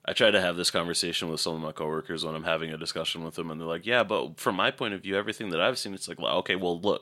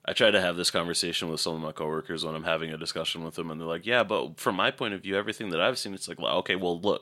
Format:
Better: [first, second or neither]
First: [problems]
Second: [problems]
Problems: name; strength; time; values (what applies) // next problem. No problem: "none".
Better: neither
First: none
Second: none